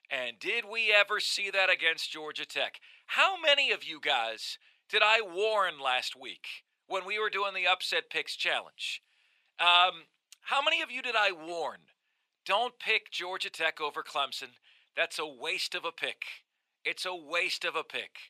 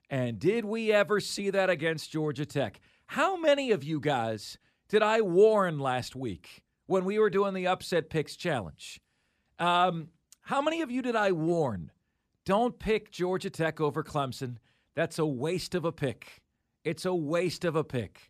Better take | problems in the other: second | thin; very; fading below 800 Hz

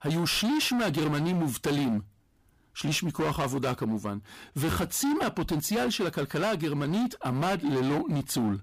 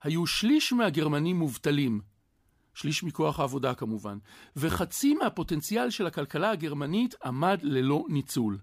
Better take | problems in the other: second | distortion; heavy; 24% of the sound clipped

